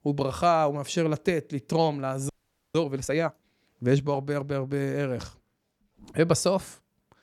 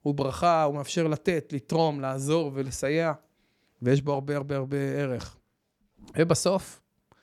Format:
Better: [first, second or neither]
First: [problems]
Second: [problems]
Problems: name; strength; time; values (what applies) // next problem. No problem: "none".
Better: second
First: audio freezing; at 2.5 s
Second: none